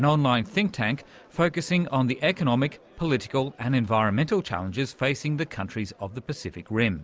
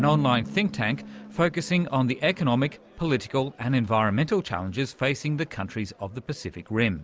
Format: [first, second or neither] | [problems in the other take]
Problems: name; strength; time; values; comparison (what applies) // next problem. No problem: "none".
first | background sound (Drum); 15 dB below the speech